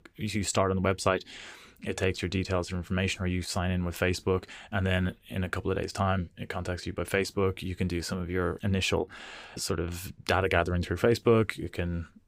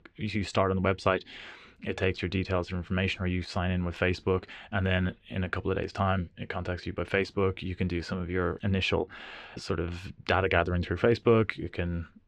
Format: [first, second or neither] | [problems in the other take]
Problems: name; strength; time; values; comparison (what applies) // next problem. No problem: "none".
first | muffled; very slightly; fading above 3 kHz